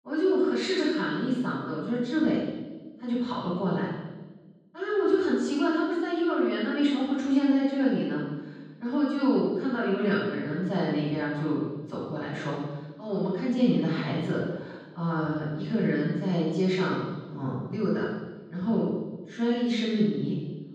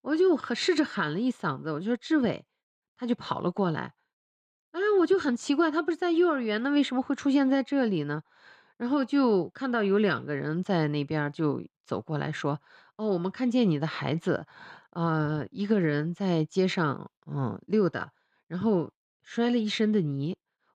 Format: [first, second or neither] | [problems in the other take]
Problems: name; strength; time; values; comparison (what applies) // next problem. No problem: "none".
second | off-mic speech; far // room echo; strong; dies away in 1.1 s